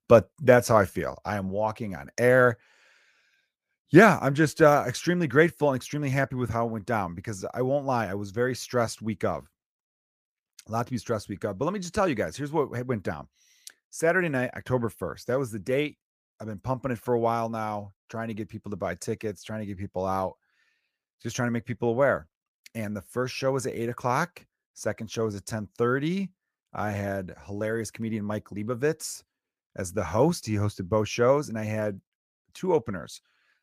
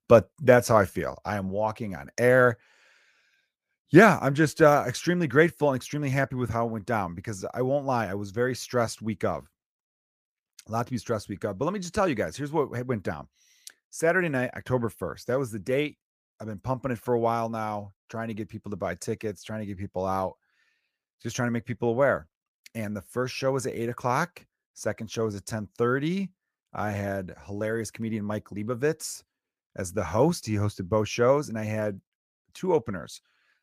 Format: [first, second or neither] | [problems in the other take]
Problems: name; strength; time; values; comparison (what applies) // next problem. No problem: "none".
neither | none